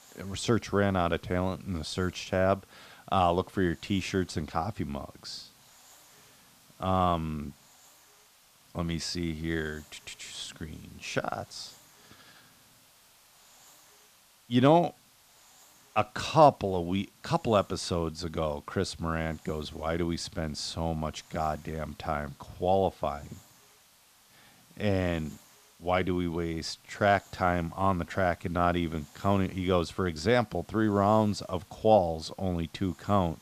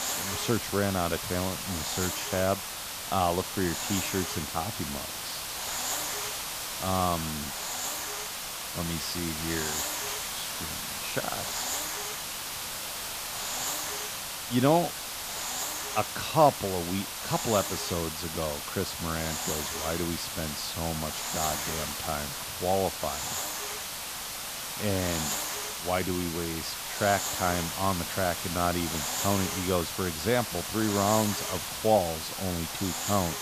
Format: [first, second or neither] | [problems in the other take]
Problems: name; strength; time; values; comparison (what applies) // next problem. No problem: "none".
first | hiss; loud; throughout; 1 dB below the speech; faint in the first